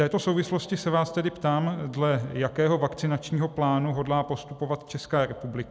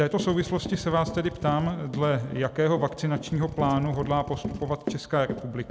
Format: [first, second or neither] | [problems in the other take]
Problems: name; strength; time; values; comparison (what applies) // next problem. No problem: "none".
first | background sound (Drill + Run); 10 dB below the speech